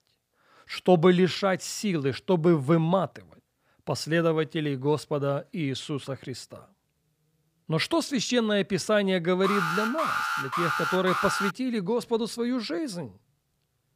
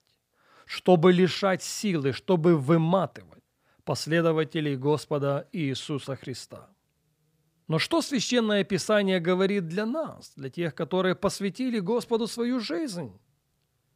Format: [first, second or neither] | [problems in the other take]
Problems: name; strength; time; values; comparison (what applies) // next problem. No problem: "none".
second | alarm; noticeable; from 9.5 to 12 s; peak level with the speech